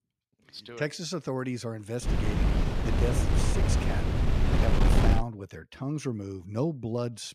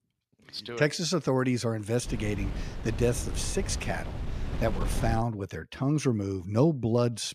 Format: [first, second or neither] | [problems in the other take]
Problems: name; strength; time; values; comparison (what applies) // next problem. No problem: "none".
second | wind noise on the microphone; heavy; from 2 to 5 s; 2 dB above the speech; occasional gusts in the second